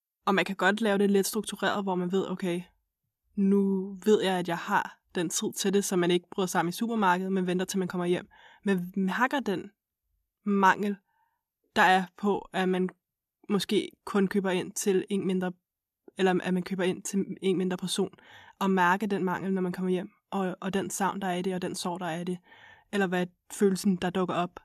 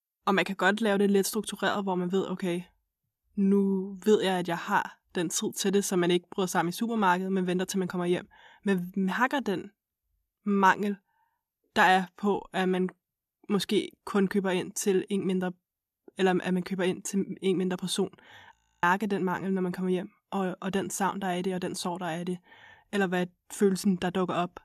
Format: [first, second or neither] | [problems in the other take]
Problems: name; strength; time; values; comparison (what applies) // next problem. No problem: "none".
first | audio freezing; at 19 s